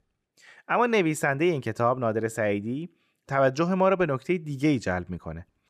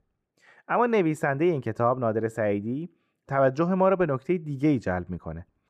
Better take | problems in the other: first | muffled; slightly; fading above 2 kHz

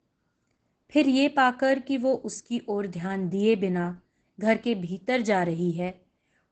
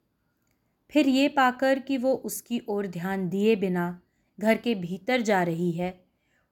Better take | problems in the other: second | garbled, watery; badly; nothing above 8 kHz

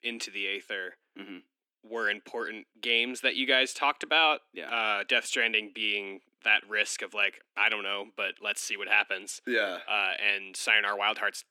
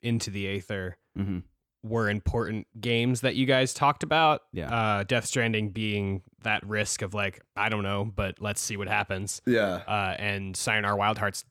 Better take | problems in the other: second | thin; somewhat; fading below 250 Hz

